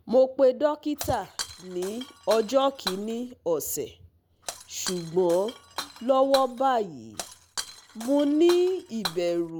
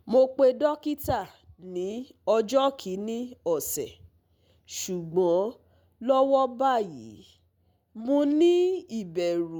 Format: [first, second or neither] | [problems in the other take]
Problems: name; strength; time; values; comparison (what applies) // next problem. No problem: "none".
second | background sound (Shatter); 13 dB below the speech